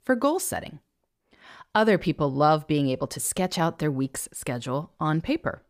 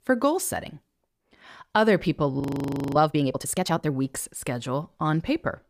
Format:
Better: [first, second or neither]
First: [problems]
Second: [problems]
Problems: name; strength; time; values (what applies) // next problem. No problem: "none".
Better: first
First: none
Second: audio freezing; at 2.5 s for 0.5 s